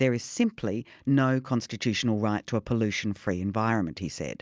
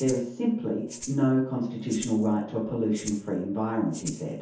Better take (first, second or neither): first